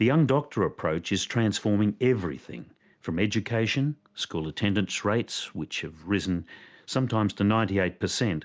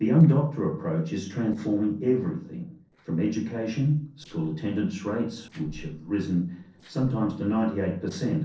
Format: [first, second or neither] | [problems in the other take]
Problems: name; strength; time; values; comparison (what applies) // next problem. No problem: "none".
first | noise reduction (neural separator model SepFormer DNS4)